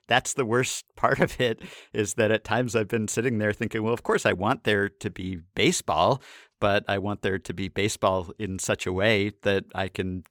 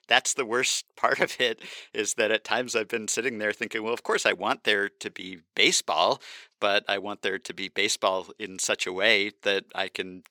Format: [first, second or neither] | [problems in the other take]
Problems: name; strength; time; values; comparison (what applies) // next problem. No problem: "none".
first | thin; somewhat; fading below 350 Hz